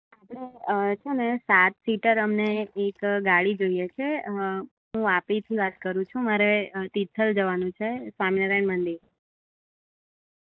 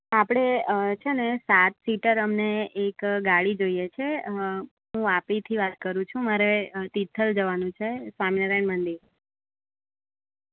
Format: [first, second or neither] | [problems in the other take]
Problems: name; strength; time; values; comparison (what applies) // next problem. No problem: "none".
second | noise reduction (neural mask model DeepFilterNet 3)